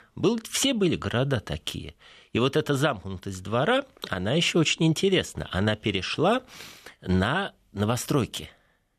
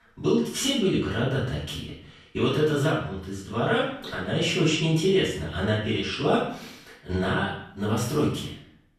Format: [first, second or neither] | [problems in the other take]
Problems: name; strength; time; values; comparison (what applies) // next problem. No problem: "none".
first | off-mic speech; far // room echo; noticeable; dies away in 0.6 s